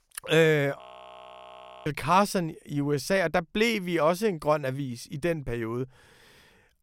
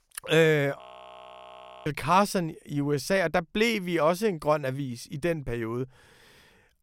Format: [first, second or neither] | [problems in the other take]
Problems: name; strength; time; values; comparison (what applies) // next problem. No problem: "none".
neither | audio freezing; at 1 s for 1 s; the same in both